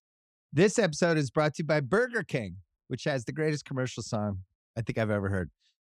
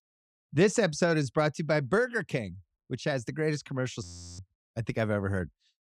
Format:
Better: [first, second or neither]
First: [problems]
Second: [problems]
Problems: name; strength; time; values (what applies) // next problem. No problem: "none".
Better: first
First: none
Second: audio freezing; at 4 s